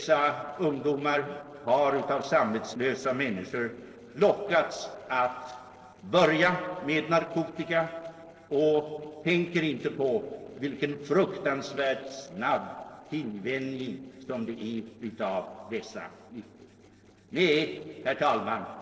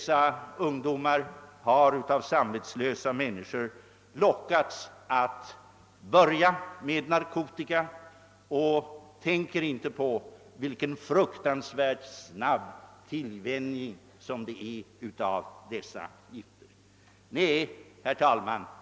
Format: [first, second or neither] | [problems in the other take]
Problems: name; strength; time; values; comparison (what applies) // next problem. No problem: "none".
second | noise reduction (neural separator model SepFormer DNS4)